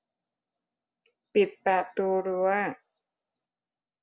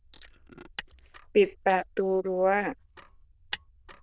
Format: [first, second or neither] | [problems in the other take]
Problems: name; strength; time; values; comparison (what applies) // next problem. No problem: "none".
first | noise reduction (neural diffusion model UNIVERSE++)